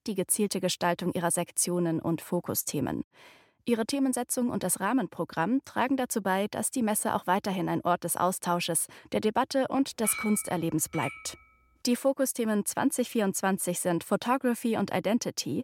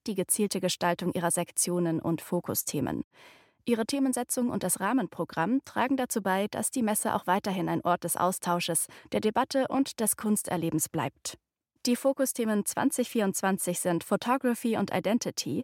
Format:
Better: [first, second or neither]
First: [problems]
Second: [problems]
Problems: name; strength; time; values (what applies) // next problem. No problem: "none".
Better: second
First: clattering dishes; noticeable; from 10 to 11 s; peak 8 dB below the speech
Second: none